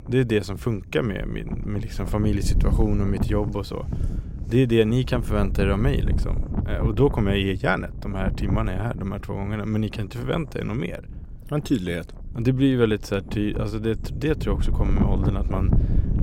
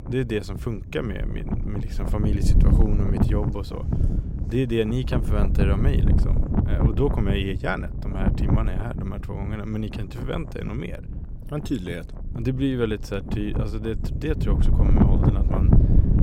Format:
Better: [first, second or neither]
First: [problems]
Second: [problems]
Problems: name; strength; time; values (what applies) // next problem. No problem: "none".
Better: first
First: wind noise on the microphone; occasional gusts; 10 dB below the speech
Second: wind noise on the microphone; heavy; 3 dB below the speech